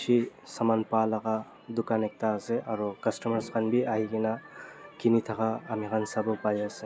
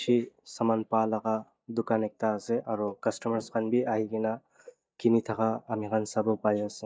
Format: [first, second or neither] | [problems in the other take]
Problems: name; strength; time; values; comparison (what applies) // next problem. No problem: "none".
first | noise reduction (neural mask model DeepFilterNet 3)